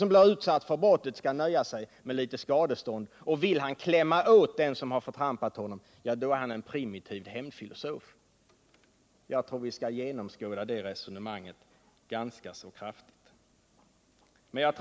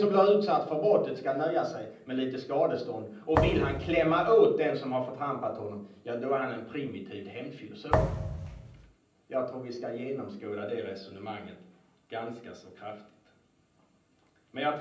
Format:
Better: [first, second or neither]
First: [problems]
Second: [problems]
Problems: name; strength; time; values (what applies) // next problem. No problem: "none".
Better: first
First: none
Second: background sound (Thump, thud); 1 dB below the speech // room echo; dies away in 0.6 s